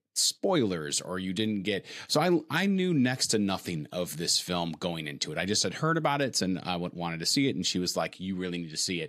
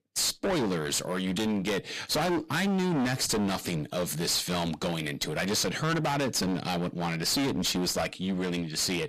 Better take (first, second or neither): first